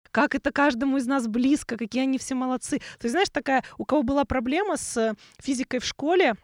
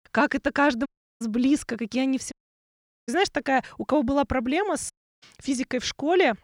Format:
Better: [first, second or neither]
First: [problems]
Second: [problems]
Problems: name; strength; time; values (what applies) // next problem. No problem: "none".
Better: first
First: none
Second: audio cutting out; at 1 s, at 2.5 s for 1 s and at 5 s